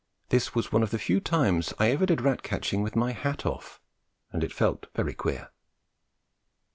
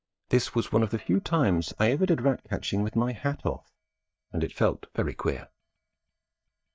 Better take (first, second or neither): first